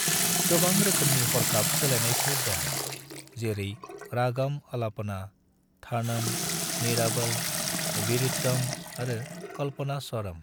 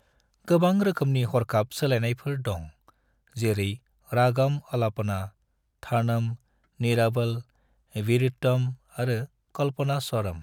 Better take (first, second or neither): second